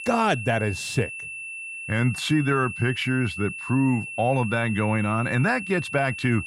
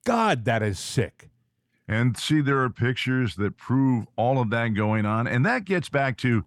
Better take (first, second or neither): second